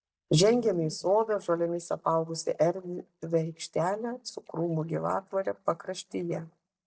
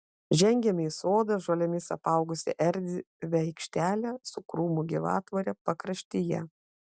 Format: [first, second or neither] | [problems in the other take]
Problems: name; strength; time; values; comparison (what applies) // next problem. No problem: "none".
second | noise reduction (neural mask model DeepFilterNet 3)